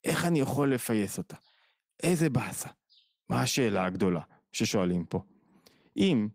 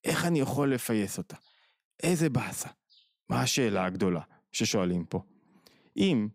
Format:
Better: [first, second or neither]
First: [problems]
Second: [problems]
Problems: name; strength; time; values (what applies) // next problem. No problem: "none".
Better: second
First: garbled, watery; slightly; nothing above 15.5 kHz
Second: none